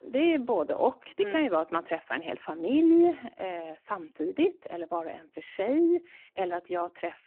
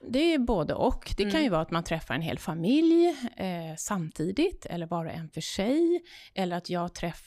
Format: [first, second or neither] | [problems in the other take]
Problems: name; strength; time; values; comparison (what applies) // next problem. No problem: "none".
second | phone-call audio; poor line